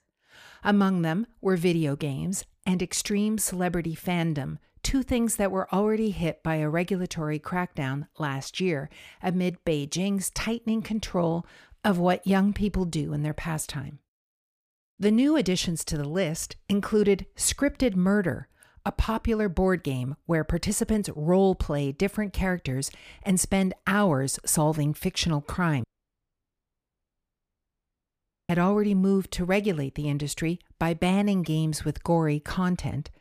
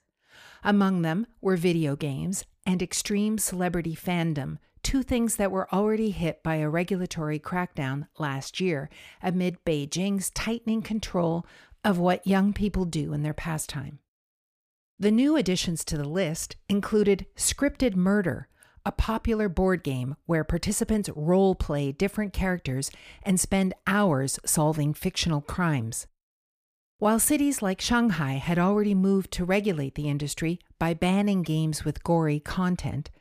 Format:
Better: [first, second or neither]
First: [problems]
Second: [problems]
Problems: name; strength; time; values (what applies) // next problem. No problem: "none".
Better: second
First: audio cutting out; at 26 s for 2.5 s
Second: none